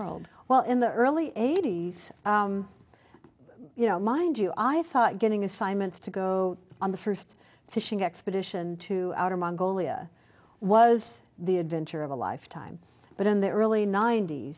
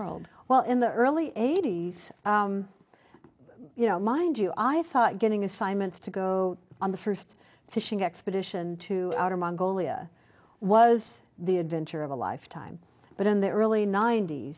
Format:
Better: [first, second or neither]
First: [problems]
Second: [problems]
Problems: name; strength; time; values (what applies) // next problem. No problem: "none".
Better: first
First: none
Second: noise reduction (neural mask model Resemble Enhance denoiser)